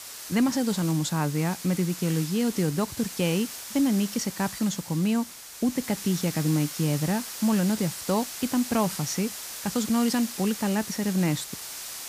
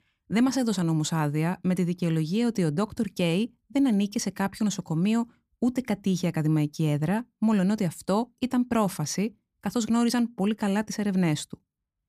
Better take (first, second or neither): second